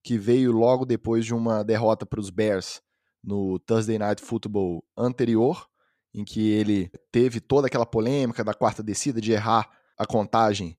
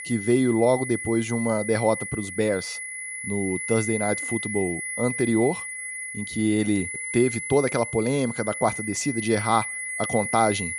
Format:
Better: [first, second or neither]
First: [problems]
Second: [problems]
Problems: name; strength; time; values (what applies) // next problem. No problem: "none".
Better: first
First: none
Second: high-pitched whine; loud; throughout; 2 kHz, 6 dB below the speech